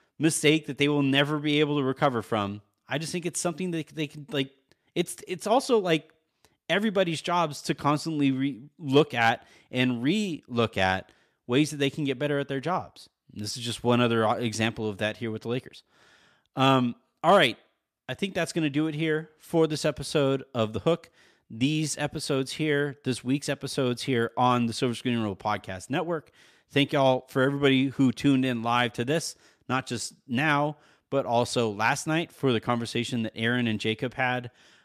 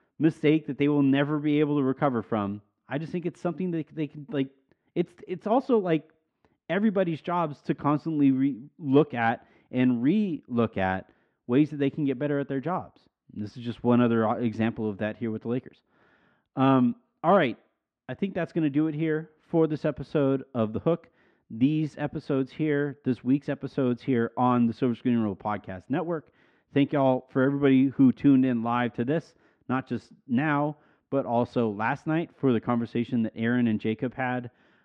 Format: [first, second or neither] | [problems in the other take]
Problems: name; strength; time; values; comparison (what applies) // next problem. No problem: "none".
first | muffled; very; fading above 2 kHz